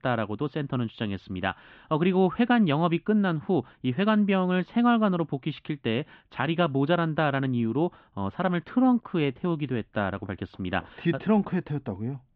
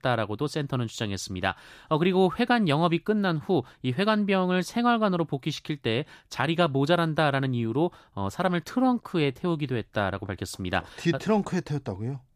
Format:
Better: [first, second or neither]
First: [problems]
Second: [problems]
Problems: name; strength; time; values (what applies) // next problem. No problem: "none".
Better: second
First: muffled; very; fading above 3 kHz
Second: none